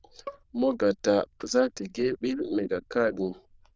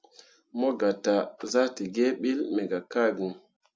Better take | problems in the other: second | noise reduction (neural diffusion model UNIVERSE++)

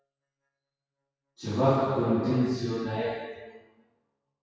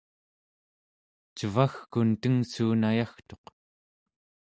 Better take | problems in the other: second | noise reduction (classical method WPE with log-MMSE)

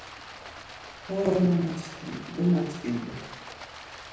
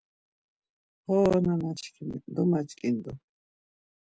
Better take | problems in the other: second | background sound (Stream); 14 dB below the speech // room echo; dies away in 0.9 s

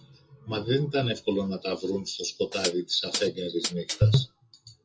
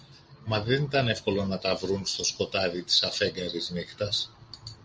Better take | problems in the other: second | noise reduction (classical method WPE with log-MMSE)

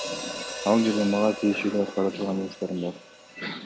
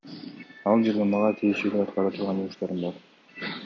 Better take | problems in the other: second | background sound (Hi-hat); 11 dB below the speech

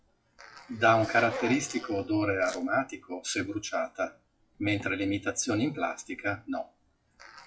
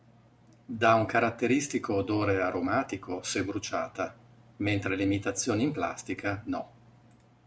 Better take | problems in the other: second | noise reduction (classical method WPE with log-MMSE)

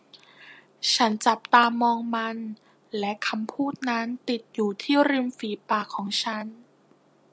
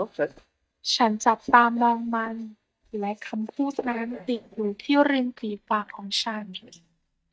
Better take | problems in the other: first | noise reduction (neural mask model DeepFilterNet 3)

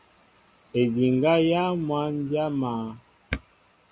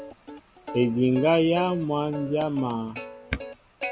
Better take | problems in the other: first | background sound (Plucked string instrument); 13 dB below the speech

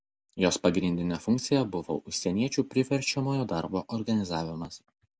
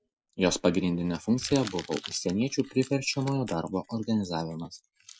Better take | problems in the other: first | noise reduction (classical method Wiener filter)

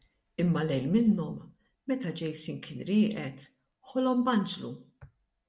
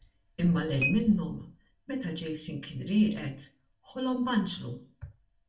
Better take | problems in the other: first | background sound (Chink, clink); 13 dB below the speech // room echo; dies away in 0.2 s

